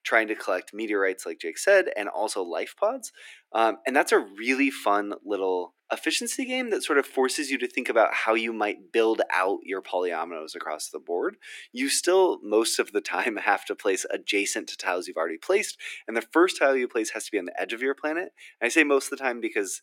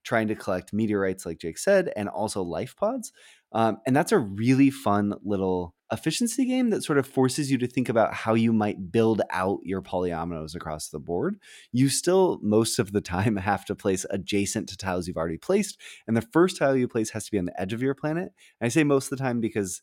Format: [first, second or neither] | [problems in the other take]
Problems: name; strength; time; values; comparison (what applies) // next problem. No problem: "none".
second | thin; somewhat; fading below 300 Hz